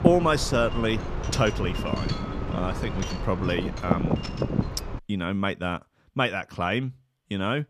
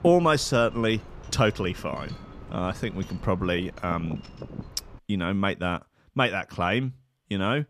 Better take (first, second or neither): second